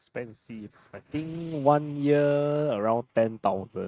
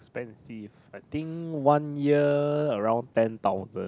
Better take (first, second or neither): second